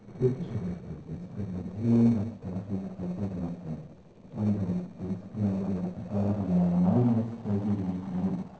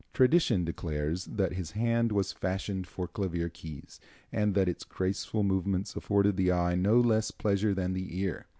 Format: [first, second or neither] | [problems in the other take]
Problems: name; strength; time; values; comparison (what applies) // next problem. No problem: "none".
second | noise reduction (neural separator model SepFormer DNS4)